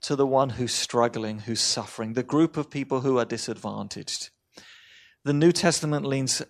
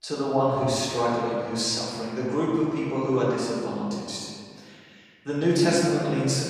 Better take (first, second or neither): first